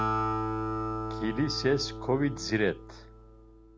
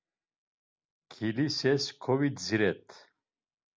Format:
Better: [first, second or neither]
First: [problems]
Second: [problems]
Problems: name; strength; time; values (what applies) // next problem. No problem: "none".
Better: second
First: background sound (Acoustic guitar); 2 dB below the speech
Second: none